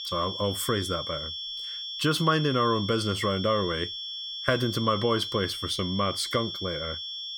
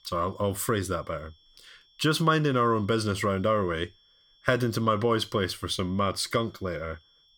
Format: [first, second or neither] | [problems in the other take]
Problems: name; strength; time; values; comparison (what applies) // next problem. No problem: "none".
second | high-pitched whine; loud; throughout; 3.5 kHz, 5 dB below the speech; faint in the second